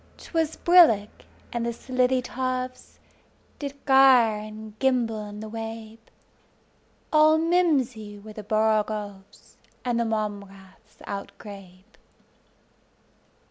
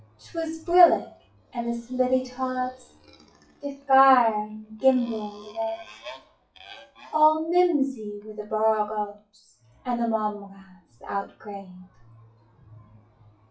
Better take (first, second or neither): first